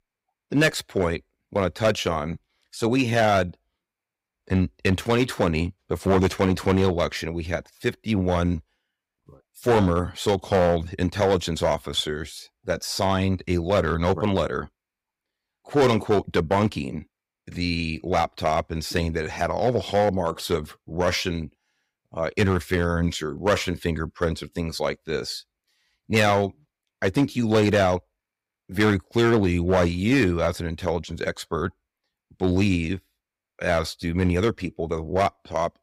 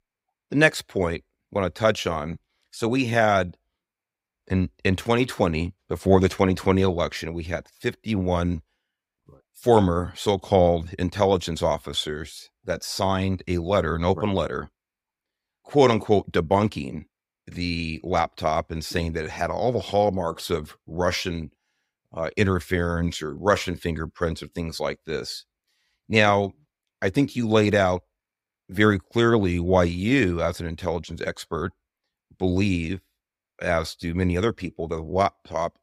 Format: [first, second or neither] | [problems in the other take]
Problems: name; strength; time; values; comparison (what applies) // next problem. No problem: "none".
second | distortion; slight; 4% of the sound clipped